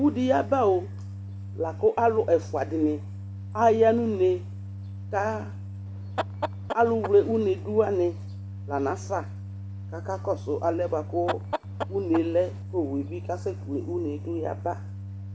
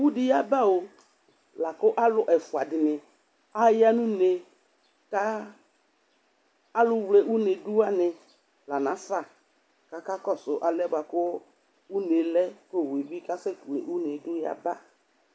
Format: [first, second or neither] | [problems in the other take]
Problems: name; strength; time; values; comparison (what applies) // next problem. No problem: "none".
second | background sound (Chicken, rooster + Organ); 9 dB below the speech